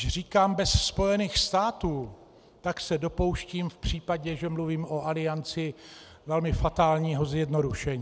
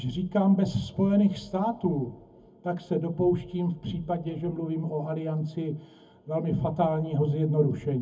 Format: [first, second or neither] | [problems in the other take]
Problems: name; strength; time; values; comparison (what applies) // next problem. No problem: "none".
first | room echo; dies away in 0.3 s